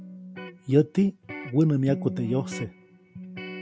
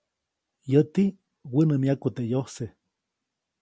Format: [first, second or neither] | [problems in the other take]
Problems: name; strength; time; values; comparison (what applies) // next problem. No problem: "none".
second | background sound (Electric guitar); 12 dB below the speech